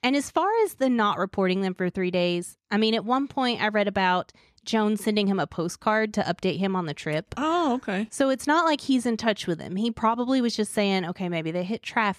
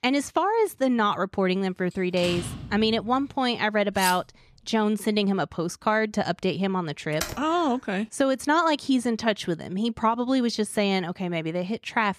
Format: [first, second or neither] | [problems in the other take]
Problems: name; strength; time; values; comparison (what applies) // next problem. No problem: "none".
first | door banging; noticeable; from 2 to 3 s; peak 8 dB below the speech // clattering dishes; noticeable; at 4 s; peak 6 dB below the speech // keyboard typing; noticeable; at 7 s; peak 8 dB below the speech